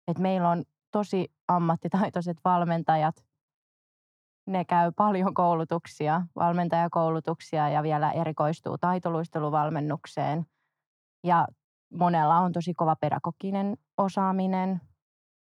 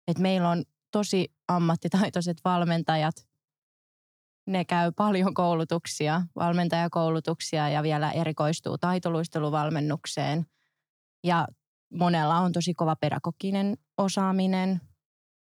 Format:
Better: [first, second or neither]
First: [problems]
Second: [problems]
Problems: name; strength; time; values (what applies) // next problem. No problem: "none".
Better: second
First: muffled; very; fading above 2.5 kHz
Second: none